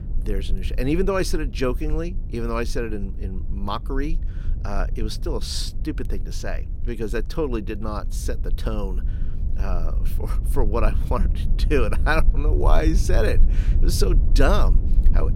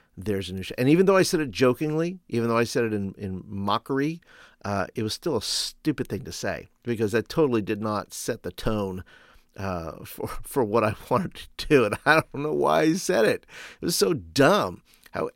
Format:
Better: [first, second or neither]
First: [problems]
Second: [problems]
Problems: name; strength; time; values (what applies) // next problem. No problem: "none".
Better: second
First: low rumble; noticeable; throughout; 15 dB below the speech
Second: none